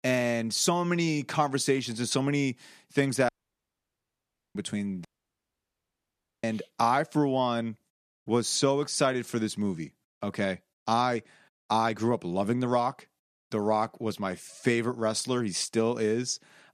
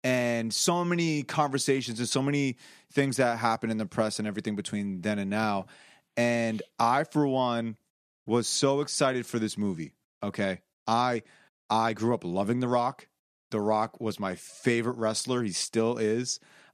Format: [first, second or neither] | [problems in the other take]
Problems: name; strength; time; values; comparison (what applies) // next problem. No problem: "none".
second | audio cutting out; at 3.5 s for 1.5 s and at 5 s for 1.5 s